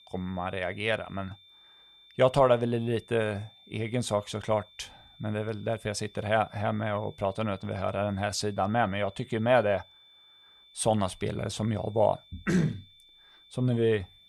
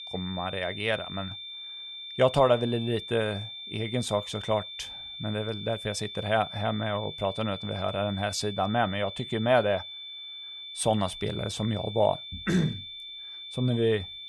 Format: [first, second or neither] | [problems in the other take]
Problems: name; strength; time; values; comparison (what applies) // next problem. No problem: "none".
first | high-pitched whine; loud; throughout; 3.5 kHz, 9 dB below the speech; faint in the first